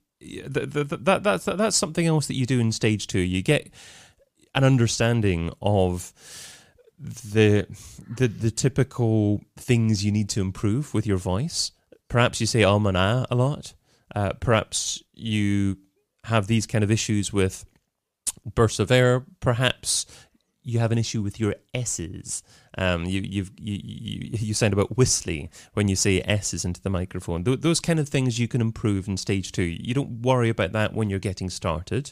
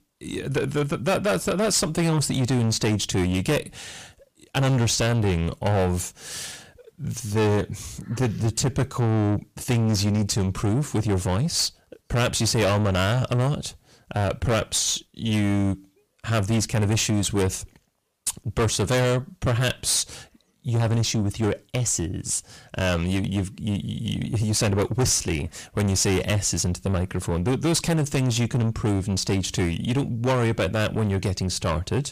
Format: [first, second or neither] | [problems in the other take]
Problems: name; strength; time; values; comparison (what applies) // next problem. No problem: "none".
first | distortion; heavy; 6 dB below the speech